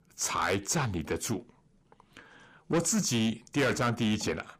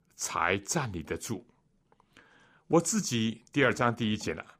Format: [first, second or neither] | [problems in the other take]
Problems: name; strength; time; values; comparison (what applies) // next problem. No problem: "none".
second | distortion; heavy; 7 dB below the speech